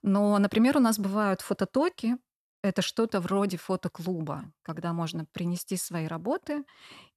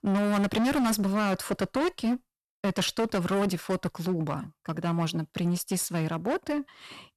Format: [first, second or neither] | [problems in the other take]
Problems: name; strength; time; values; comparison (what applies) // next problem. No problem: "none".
first | distortion; heavy; 18% of the sound clipped